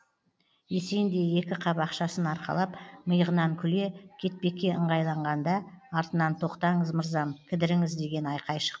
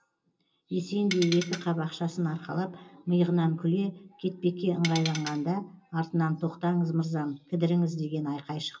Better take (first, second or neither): first